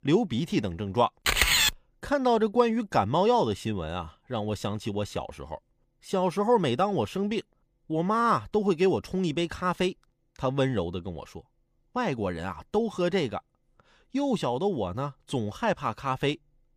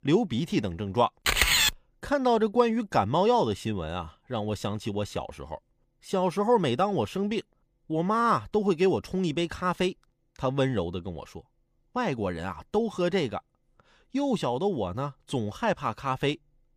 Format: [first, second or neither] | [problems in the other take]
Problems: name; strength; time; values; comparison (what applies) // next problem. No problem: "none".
neither | none